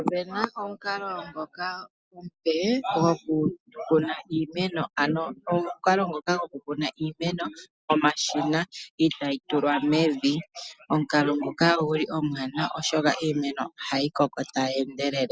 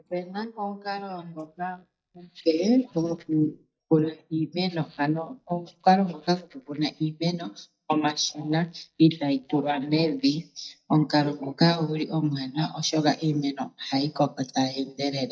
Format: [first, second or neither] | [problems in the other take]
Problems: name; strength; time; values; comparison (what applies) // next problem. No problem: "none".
first | noise reduction (neural mask model DeepFilterNet 3)